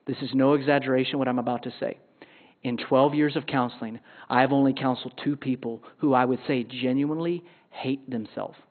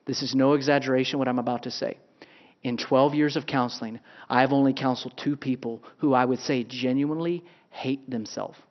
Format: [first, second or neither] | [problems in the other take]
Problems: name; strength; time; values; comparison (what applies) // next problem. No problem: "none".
second | garbled, watery; badly; nothing above 4 kHz; slightly in the second